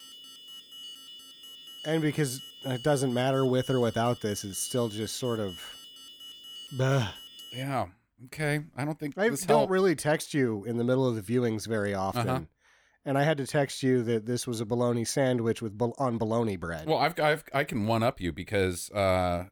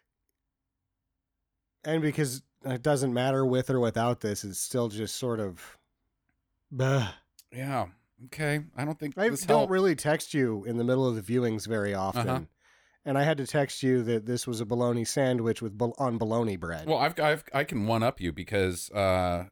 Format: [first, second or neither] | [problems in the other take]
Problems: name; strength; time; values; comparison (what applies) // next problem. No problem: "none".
second | alarm; faint; until 7.5 s; peak 15 dB below the speech